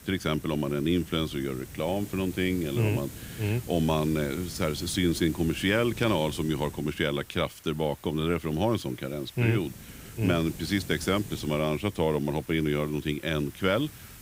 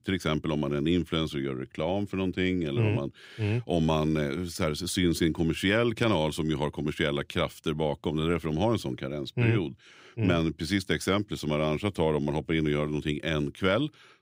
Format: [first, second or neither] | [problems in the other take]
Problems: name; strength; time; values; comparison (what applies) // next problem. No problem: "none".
second | hiss; noticeable; throughout; 15 dB below the speech